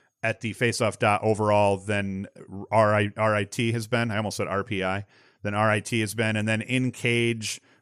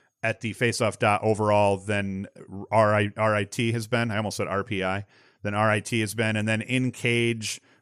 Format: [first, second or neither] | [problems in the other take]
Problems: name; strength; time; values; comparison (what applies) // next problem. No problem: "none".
neither | none